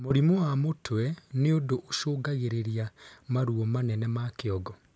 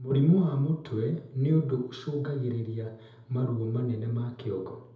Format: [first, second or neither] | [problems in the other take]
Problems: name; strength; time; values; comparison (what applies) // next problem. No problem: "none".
first | room echo; dies away in 0.7 s